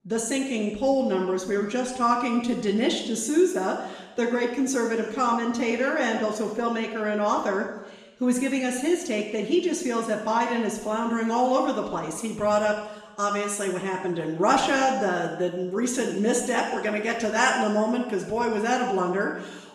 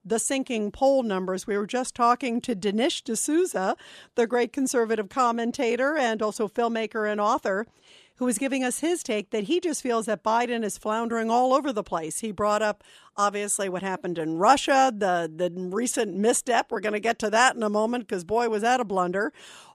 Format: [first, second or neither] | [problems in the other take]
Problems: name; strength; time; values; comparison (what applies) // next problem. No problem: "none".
second | room echo; noticeable; dies away in 1 s // off-mic speech; far